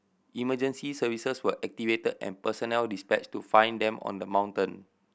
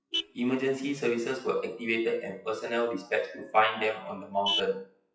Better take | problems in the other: first | noise reduction (classical method WPE with log-MMSE)

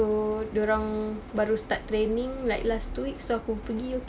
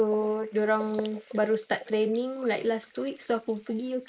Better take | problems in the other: first | noise reduction (neural mask model Resemble Enhance denoiser)

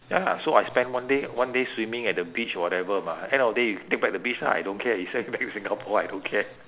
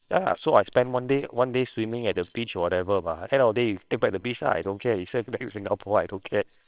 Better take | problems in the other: first | noise reduction (neural separator model SepFormer WHAMR!)

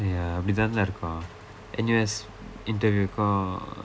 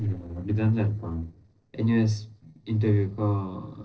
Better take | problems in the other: first | noise reduction (neural separator model SepFormer DNS4)

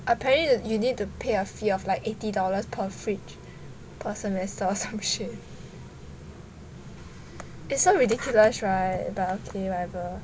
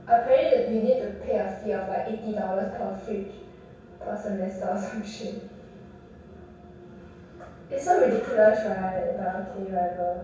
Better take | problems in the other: first | room echo; dies away in 0.7 s

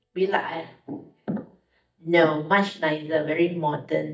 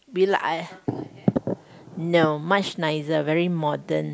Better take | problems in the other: second | noise reduction (neural mask model DeepFilterNet 3)

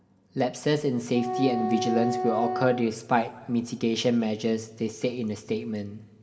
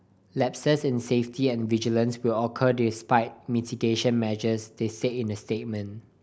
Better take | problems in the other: second | background sound (Wind instrument, woodwind instrument); 5 dB below the speech // room echo; dies away in 1.5 s

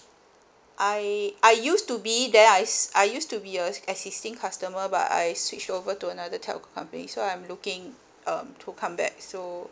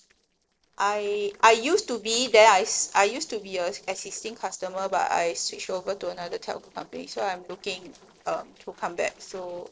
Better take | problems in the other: first | noise reduction (neural separator model SepFormer DNS4)

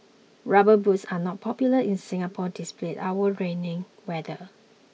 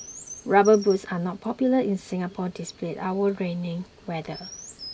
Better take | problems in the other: first | background sound (Chirp, tweet); 20 dB below the speech

